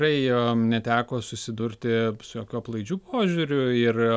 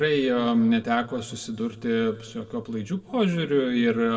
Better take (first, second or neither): first